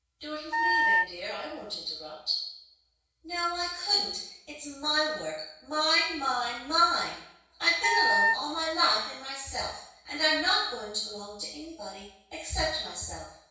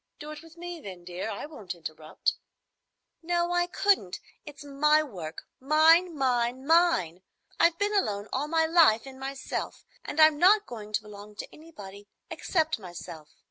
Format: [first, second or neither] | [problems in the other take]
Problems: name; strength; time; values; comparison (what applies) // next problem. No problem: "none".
second | background sound (Wind instrument, woodwind instrument); 4 dB above the speech // room echo; dies away in 0.6 s